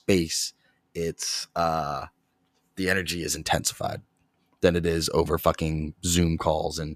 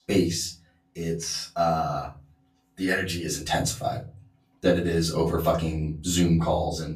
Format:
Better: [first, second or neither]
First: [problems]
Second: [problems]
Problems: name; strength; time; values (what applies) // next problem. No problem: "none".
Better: first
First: none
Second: off-mic speech; far // room echo; slight; dies away in 0.3 s